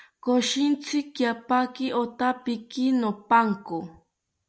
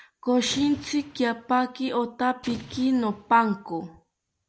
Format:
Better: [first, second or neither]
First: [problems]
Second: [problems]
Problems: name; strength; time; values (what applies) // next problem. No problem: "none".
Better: first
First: none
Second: background sound (Explosion); 19 dB below the speech